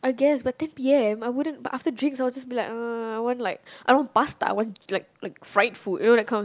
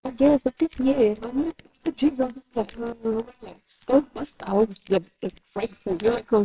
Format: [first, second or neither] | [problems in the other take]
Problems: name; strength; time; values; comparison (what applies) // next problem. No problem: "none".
first | noise reduction (neural separator model SepFormer WHAMR!)